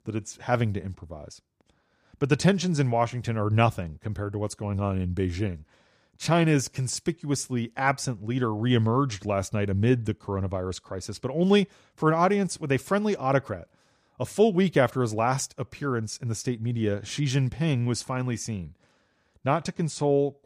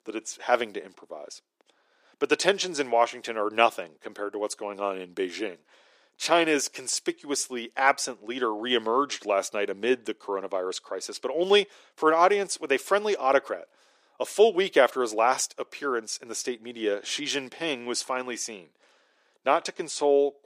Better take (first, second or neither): first